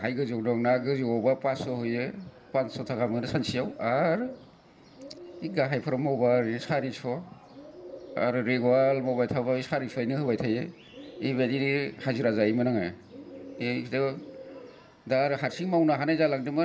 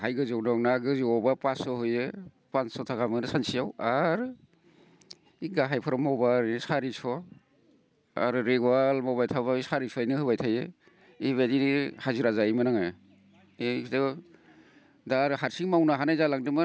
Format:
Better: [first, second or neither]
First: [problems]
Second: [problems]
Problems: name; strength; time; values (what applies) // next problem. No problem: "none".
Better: second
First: background sound (Bird); 18 dB below the speech // room echo; dies away in 0.4 s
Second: none